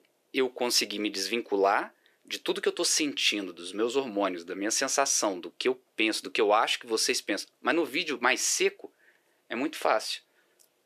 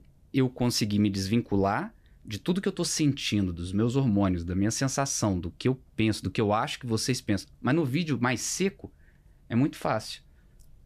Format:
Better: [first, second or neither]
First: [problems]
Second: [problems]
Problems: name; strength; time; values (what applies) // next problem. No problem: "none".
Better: second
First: thin; very; fading below 400 Hz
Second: none